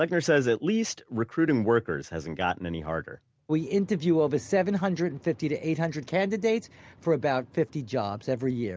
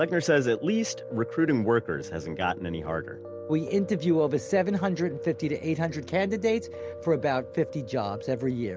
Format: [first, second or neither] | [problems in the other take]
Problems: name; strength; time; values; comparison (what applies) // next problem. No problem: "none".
first | background sound (Piano); 12 dB below the speech